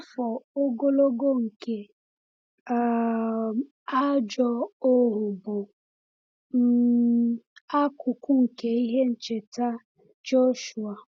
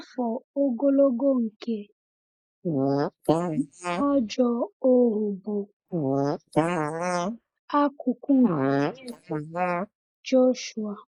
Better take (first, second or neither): first